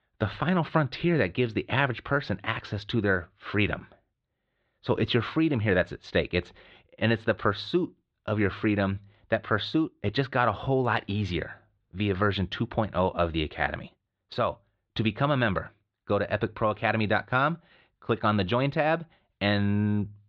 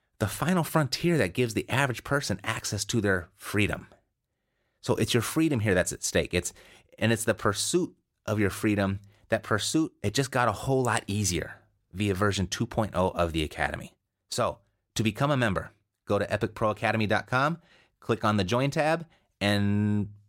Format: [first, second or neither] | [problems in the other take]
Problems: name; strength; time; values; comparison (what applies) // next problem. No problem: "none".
second | muffled; slightly; fading above 3.5 kHz